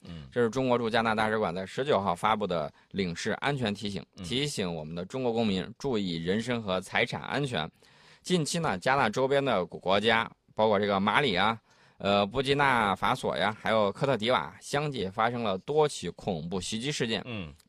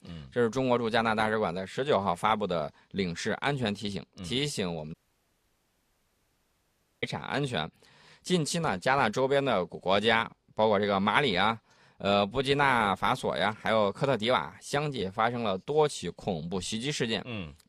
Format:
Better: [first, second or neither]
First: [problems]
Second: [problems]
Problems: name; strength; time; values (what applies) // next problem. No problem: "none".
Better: first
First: none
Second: audio cutting out; at 5 s for 2 s